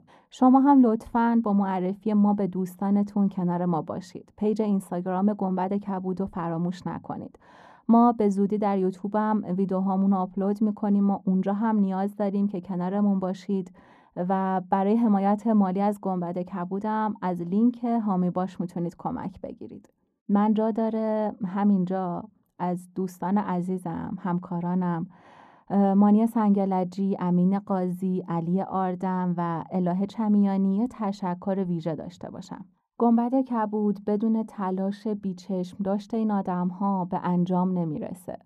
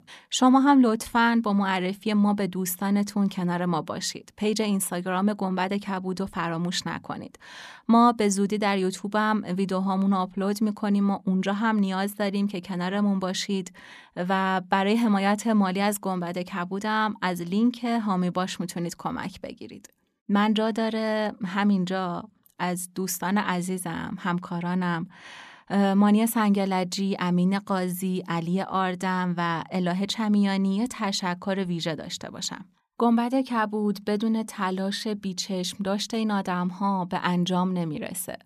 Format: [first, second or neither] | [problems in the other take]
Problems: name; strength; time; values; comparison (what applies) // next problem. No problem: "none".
second | muffled; very; fading above 1.5 kHz